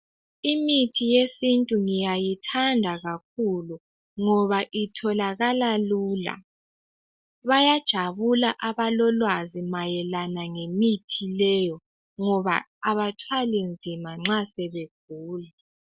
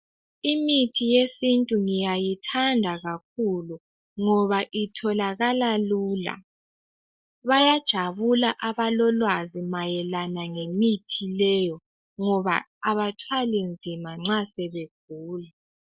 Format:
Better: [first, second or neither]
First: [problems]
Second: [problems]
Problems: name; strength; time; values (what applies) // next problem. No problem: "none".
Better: first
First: none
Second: noise reduction (neural mask model Resemble Enhance denoiser)